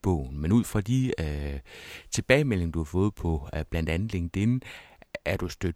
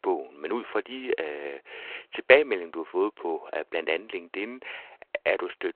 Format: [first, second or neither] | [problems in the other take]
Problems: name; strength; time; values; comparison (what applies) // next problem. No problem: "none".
first | phone-call audio